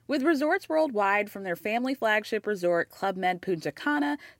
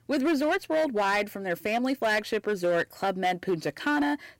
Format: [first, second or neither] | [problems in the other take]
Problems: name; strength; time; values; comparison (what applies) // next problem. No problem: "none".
first | distortion; slight; 9% of the sound clipped